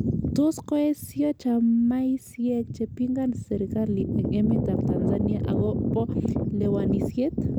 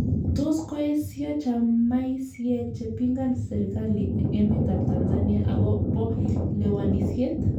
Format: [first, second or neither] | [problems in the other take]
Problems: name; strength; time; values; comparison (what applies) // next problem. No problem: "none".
first | room echo; dies away in 0.3 s